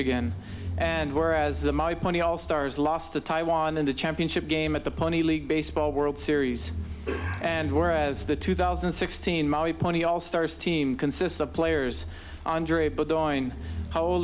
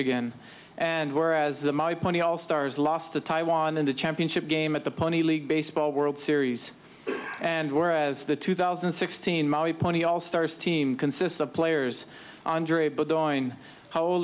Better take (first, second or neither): second